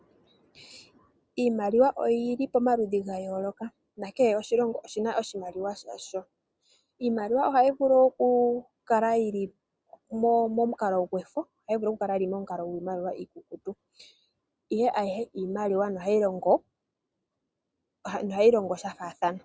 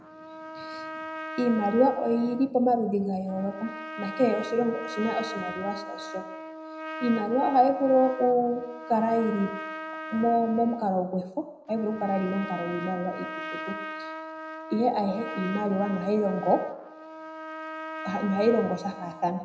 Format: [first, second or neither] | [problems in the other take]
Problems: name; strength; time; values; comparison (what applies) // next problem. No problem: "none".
first | background sound (Trumpet); 11 dB below the speech // room echo; dies away in 0.7 s